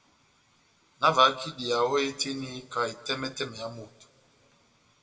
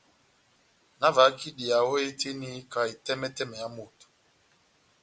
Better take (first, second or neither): second